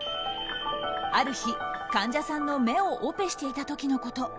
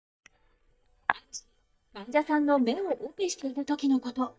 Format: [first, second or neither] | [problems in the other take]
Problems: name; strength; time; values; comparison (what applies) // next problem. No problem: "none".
first | noise reduction (neural mask model DeepFilterNet 3)